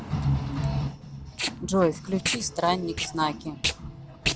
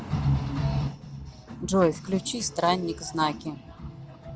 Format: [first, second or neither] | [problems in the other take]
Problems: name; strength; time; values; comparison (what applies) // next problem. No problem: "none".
second | background sound (Packing tape, duct tape); 7 dB below the speech